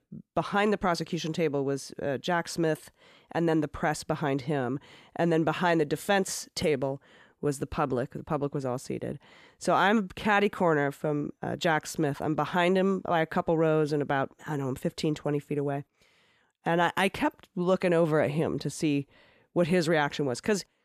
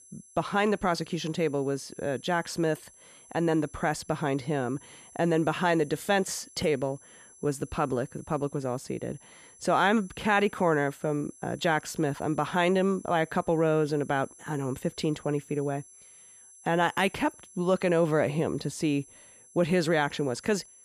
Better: first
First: none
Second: high-pitched whine; faint; throughout; 10.5 kHz, 25 dB below the speech

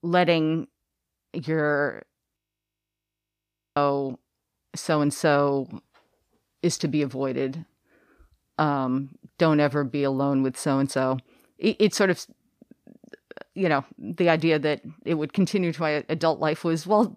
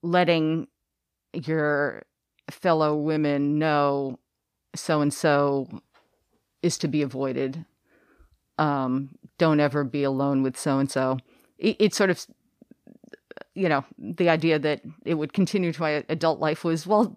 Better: second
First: audio freezing; at 2.5 s for 1.5 s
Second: none

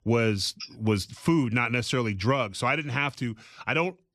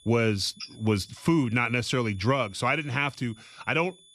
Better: first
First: none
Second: high-pitched whine; faint; throughout; 3.5 kHz, 25 dB below the speech

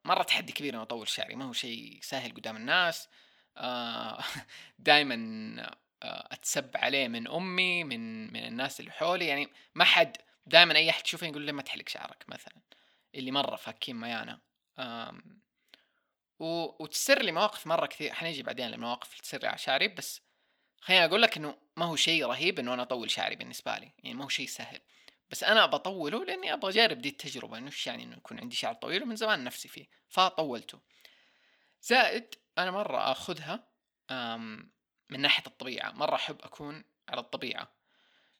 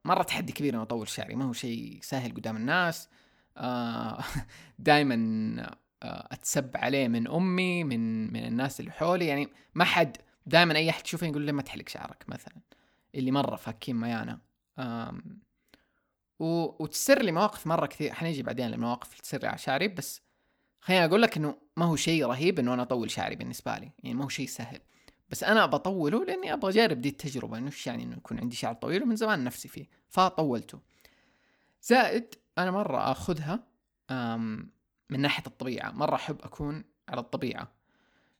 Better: second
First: thin; somewhat; fading below 800 Hz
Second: none

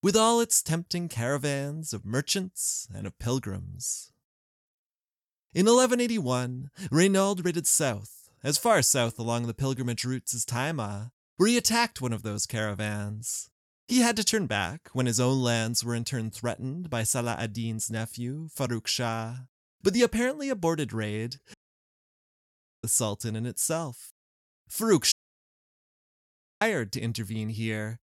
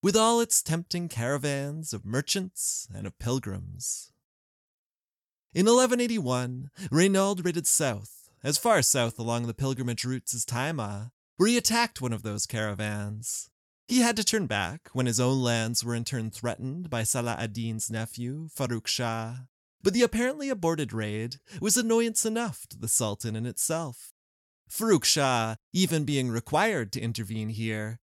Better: second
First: audio cutting out; at 22 s for 1.5 s and at 25 s for 1.5 s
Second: none

